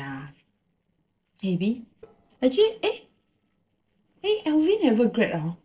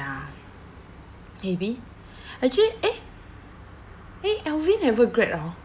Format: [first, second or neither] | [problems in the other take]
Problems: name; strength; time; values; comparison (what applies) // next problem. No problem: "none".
second | noise reduction (neural separator model SepFormer DNS4)